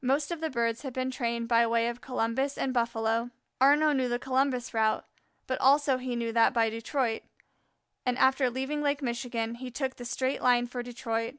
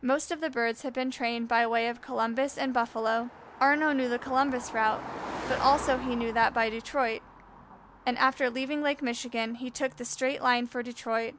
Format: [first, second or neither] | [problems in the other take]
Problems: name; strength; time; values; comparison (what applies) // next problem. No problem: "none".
first | background sound (Car passing by); 15 dB below the speech